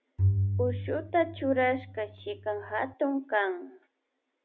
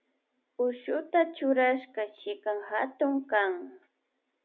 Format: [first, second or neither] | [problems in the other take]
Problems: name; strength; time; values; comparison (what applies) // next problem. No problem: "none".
second | background sound (Bowed string instrument); 1 dB below the speech